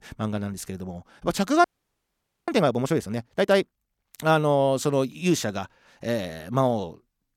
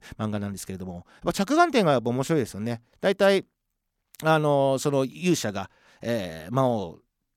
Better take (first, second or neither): second